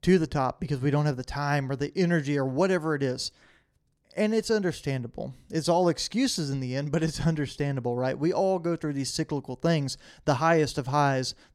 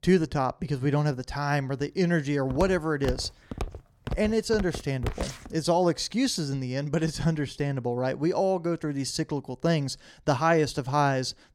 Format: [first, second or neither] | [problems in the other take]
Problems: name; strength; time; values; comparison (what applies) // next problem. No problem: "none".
first | footsteps; noticeable; from 2.5 to 5.5 s; peak 7 dB below the speech